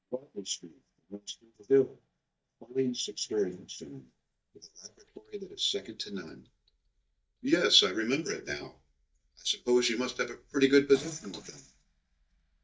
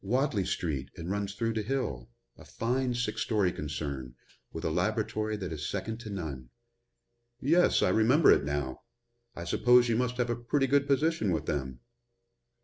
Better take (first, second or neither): second